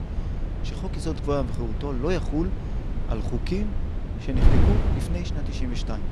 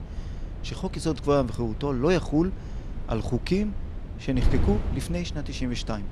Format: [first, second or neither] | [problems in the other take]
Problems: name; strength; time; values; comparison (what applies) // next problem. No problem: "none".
second | wind noise on the microphone; heavy; 4 dB below the speech; occasional gusts in the second